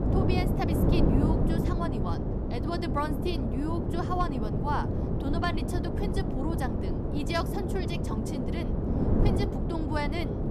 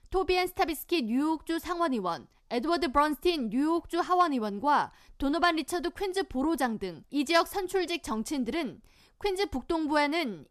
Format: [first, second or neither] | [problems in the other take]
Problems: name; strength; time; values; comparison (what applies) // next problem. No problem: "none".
second | wind noise on the microphone; heavy; 1 dB below the speech